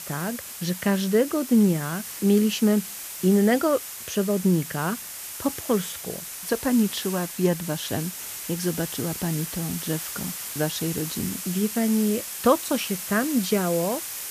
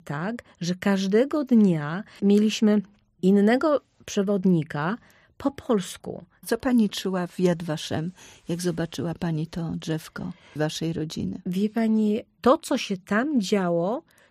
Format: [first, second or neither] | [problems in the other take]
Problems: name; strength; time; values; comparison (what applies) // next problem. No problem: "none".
second | hiss; loud; throughout; 7 dB below the speech